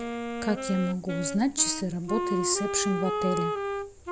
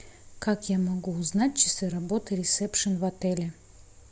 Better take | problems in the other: second | background sound (Wind instrument, woodwind instrument); 3 dB below the speech

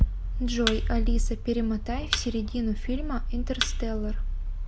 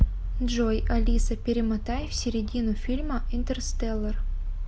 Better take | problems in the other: second | background sound (Thump, thud); 10 dB below the speech

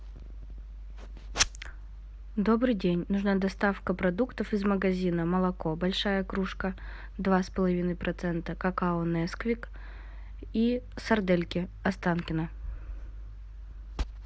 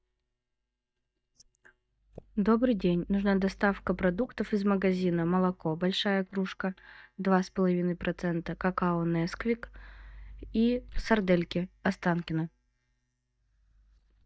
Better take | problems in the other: first | noise reduction (neural mask model DeepFilterNet 3)

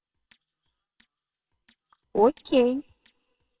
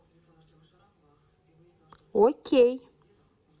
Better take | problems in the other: second | noise reduction (neural separator model SepFormer WHAMR!)

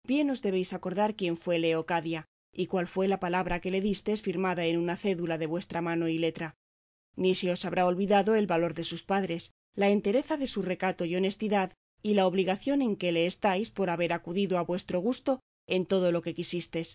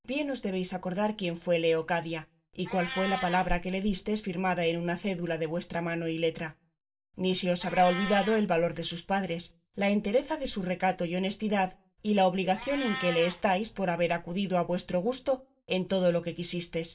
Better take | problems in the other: first | background sound (Meow); 16 dB below the speech // room echo; dies away in 0.2 s

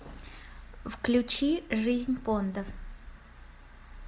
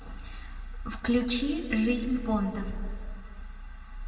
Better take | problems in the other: first | room echo; dies away in 1.6 s

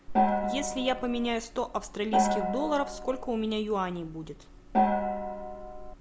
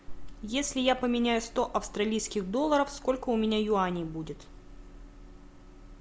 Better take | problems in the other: second | background sound (Gong); 4 dB above the speech

